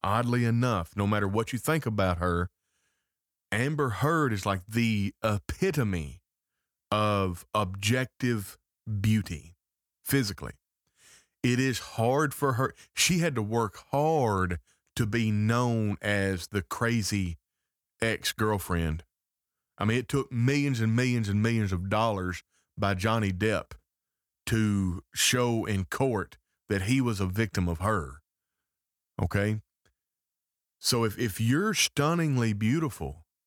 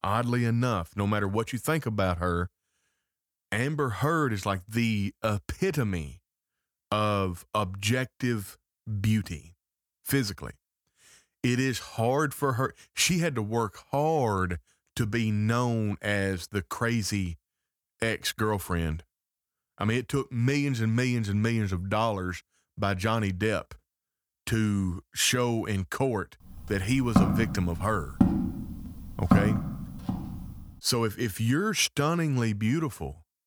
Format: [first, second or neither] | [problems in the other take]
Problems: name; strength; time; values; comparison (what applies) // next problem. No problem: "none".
first | footsteps; loud; from 27 to 30 s; peak 4 dB above the speech